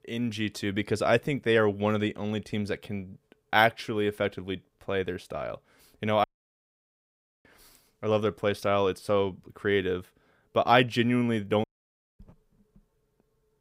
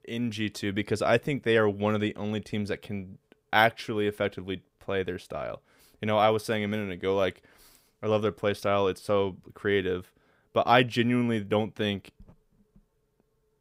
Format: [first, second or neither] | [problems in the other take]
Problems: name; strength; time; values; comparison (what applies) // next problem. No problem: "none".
second | audio cutting out; at 6 s for 1 s and at 12 s for 0.5 s